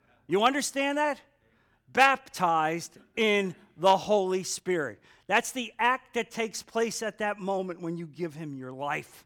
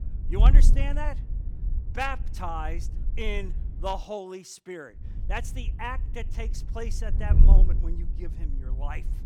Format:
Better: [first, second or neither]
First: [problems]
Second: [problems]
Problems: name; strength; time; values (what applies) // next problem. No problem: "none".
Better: first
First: none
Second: wind noise on the microphone; occasional gusts; until 4 s and from 5 s on; 10 dB below the speech